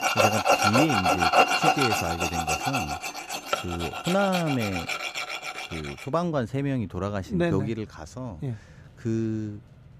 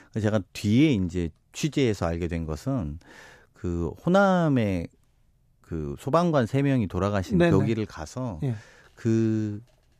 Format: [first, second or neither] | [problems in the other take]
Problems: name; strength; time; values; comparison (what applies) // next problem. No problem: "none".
second | machinery noise; very loud; throughout; 4 dB above the speech